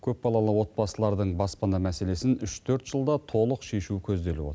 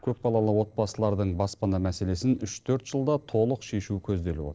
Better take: first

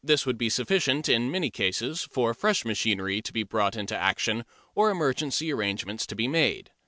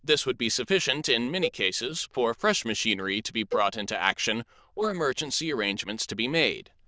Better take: first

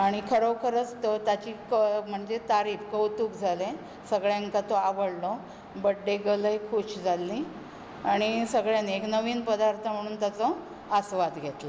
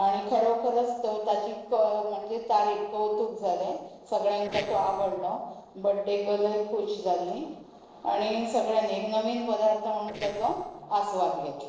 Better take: first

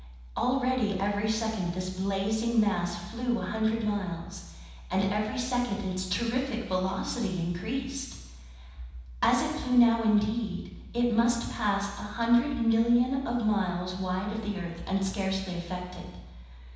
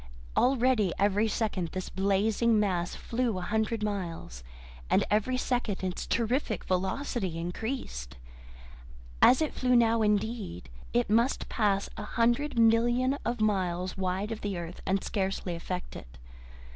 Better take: second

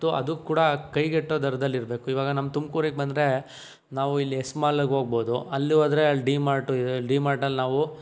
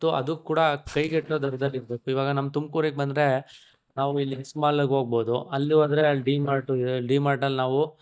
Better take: first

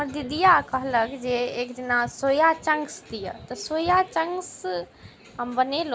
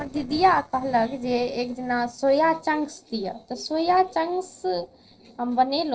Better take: first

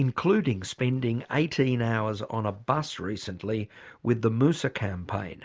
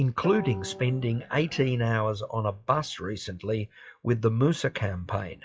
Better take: first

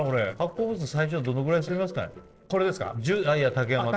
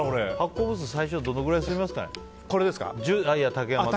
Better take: second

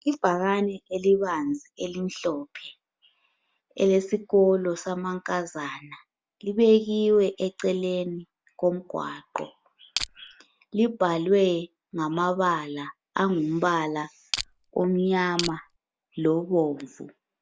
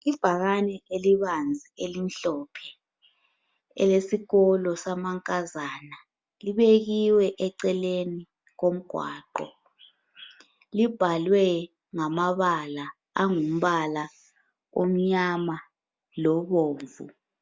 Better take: second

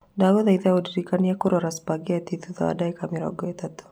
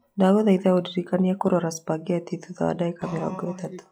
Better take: first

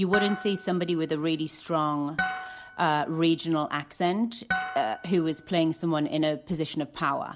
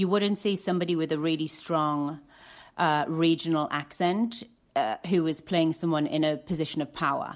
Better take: second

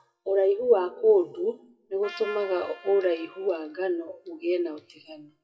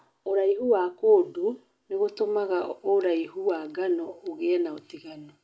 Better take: second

